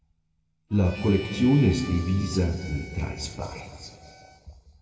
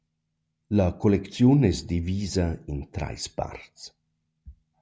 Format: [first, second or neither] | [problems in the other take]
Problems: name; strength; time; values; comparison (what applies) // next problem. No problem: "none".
second | background sound (Harmonica); 18 dB below the speech // room echo; dies away in 2.1 s